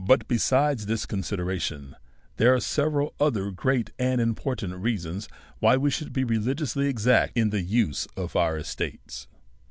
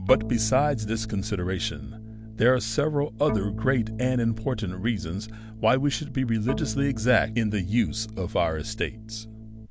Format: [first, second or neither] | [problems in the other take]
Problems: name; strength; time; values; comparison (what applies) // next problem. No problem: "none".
first | background sound (Organ); 9 dB below the speech